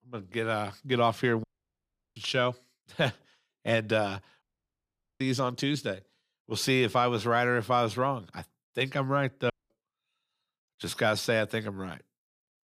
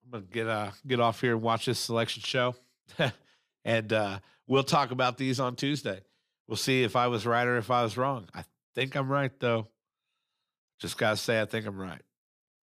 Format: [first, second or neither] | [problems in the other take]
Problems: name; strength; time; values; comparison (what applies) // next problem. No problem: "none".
second | audio cutting out; at 1.5 s for 0.5 s, at 4.5 s for 1 s and at 9.5 s